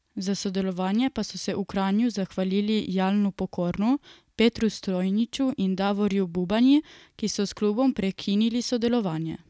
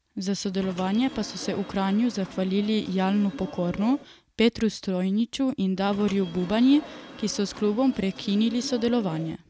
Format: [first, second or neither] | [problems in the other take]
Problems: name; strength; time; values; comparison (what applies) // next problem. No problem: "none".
first | background sound (Subway, metro, underground / Sliding door); 16 dB below the speech